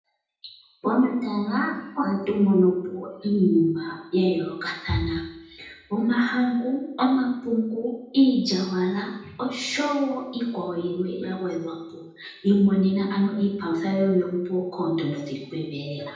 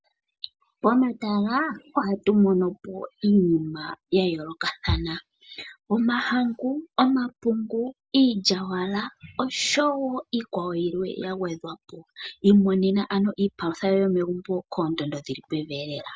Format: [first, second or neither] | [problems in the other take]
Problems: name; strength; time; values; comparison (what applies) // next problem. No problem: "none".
second | room echo; dies away in 0.8 s